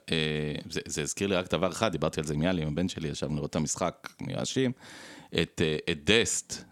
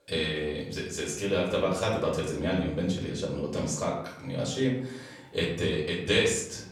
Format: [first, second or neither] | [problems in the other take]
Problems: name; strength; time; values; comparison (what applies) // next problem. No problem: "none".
first | off-mic speech; far // room echo; noticeable; dies away in 0.6 s